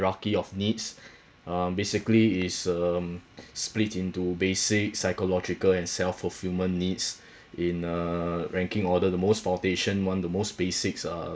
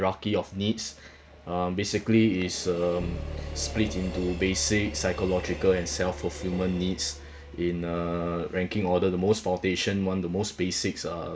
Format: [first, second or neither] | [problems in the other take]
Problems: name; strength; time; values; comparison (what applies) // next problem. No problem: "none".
first | background sound (Train + Bass guitar); 12 dB below the speech